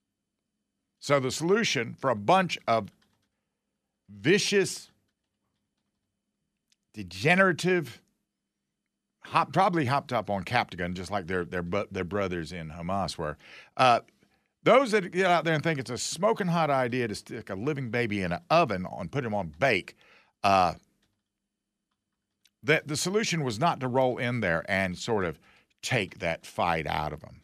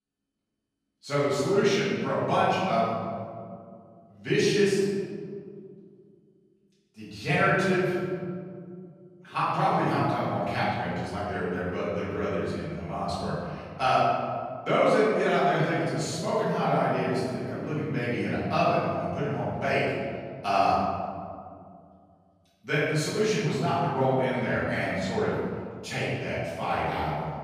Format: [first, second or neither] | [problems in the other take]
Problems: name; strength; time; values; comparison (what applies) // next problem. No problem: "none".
first | off-mic speech; far // room echo; strong; dies away in 2.1 s